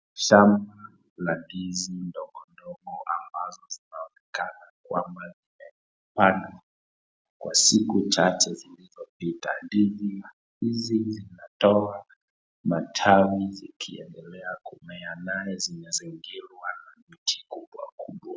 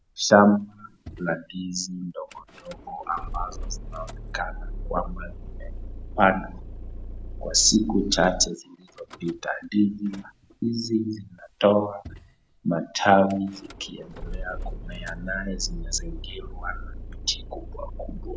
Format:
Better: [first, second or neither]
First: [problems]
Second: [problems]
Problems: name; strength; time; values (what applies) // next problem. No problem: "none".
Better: first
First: none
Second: background sound (Idling / Engine starting / Door / Car); 10 dB below the speech